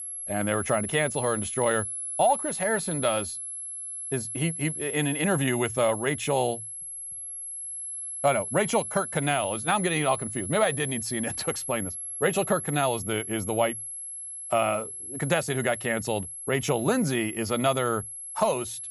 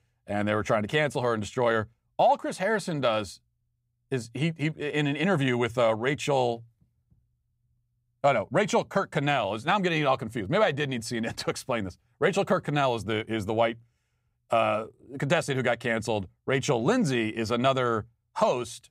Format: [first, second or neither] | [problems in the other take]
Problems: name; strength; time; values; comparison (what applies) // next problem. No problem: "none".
second | high-pitched whine; loud; throughout; 11 kHz, 6 dB below the speech